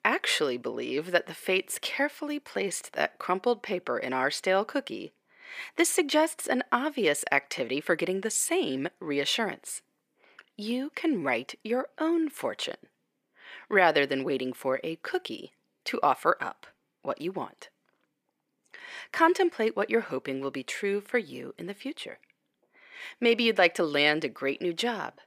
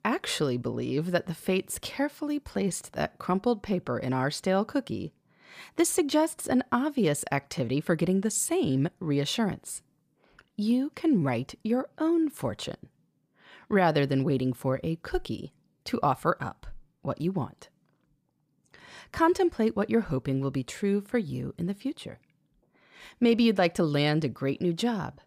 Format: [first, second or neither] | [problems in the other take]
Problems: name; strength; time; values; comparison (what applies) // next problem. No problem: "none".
second | thin; somewhat; fading below 400 Hz